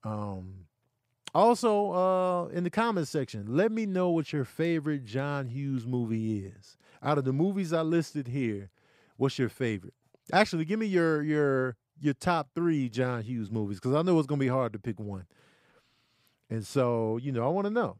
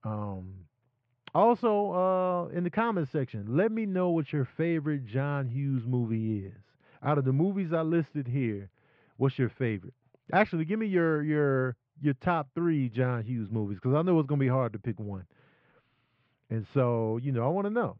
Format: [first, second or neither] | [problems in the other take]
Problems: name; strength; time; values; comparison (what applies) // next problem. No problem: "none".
first | muffled; very; fading above 3 kHz